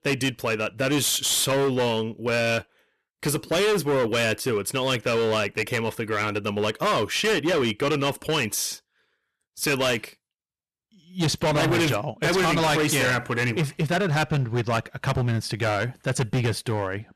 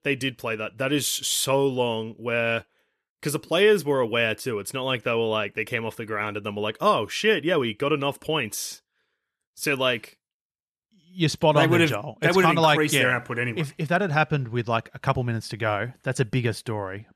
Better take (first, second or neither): second